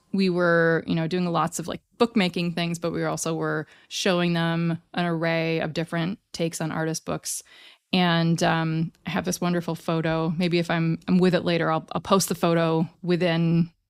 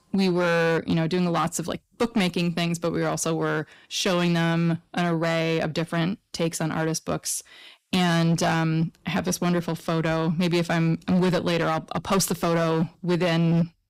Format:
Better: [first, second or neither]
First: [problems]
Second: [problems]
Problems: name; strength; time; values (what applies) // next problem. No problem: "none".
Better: first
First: none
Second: distortion; slight; 10% of the sound clipped